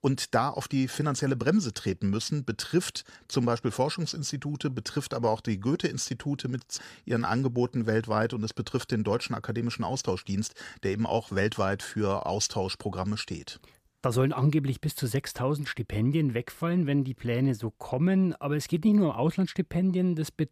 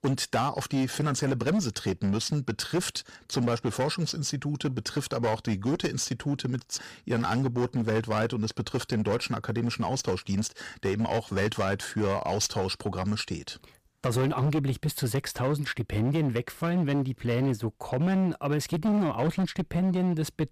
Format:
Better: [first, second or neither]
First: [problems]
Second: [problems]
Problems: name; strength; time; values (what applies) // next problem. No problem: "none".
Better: first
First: none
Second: distortion; slight; 13% of the sound clipped